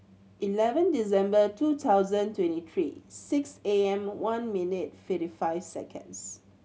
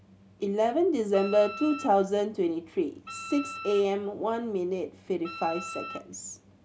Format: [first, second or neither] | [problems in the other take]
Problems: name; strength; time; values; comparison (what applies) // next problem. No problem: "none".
first | background sound (Wind instrument, woodwind instrument); 13 dB below the speech